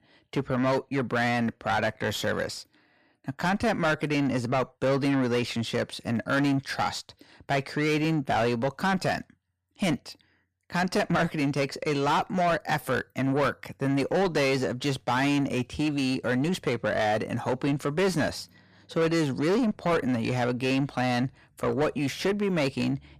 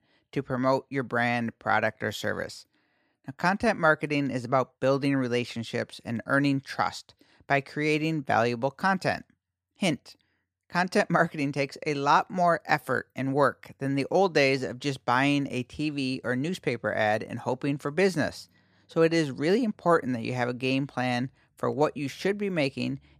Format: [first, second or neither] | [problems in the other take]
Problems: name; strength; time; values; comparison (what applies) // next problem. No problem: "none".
second | distortion; heavy; 7 dB below the speech